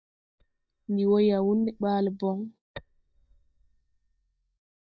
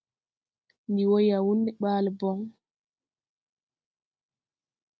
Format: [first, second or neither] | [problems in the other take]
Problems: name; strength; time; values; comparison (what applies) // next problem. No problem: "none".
second | noise reduction (neural mask model DeepFilterNet 3)